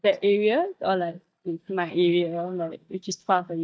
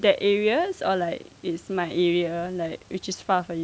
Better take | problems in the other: second | noise reduction (neural mask model DeepFilterNet 3)

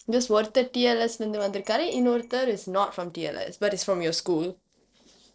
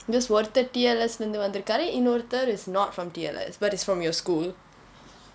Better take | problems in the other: second | noise reduction (neural separator model SepFormer DNS4)

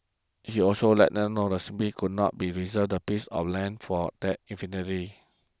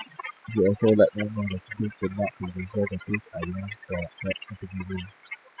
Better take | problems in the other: first | noise reduction (classical method spectral subtraction)

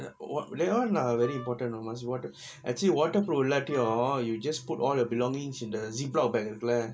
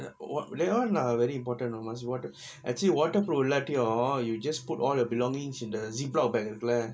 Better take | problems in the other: second | background sound (Wind instrument, woodwind instrument); 17 dB below the speech

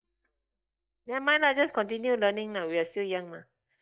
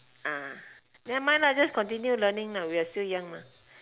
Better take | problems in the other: second | noise reduction (neural mask model DeepFilterNet 3)

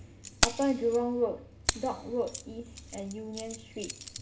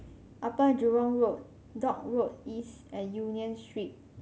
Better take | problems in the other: second | background sound (Keys jangling); 3 dB below the speech // room echo; dies away in 0.2 s

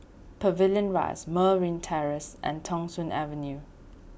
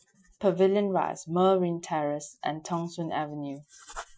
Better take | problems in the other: first | noise reduction (classical method Wiener filter)

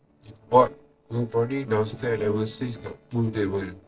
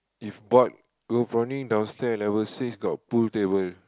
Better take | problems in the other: second | noise reduction (neural separator model SepFormer DNS4)

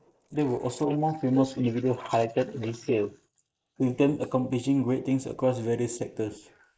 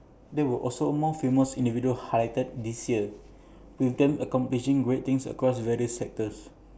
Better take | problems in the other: second | noise reduction (neural mask model Resemble Enhance denoiser)

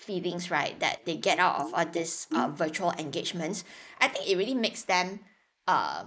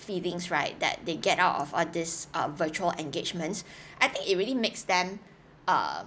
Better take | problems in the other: second | noise reduction (neural mask model Resemble Enhance denoiser)

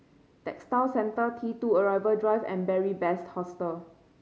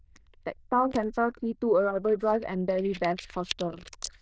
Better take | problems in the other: first | noise reduction (neural diffusion model UNIVERSE++)

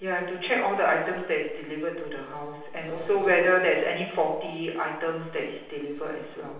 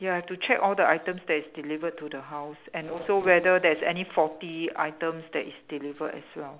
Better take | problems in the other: second | room echo; dies away in 0.9 s

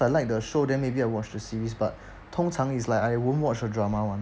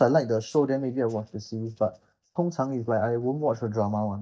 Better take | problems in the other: first | noise reduction (neural mask model DeepFilterNet 3)

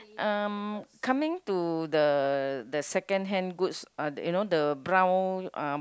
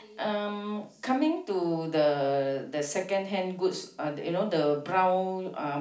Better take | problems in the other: first | room echo; dies away in 0.4 s

